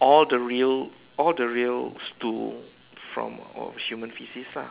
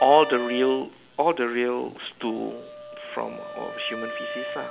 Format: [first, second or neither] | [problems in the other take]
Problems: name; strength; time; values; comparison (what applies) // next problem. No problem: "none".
first | background sound (Wind instrument, woodwind instrument); 11 dB below the speech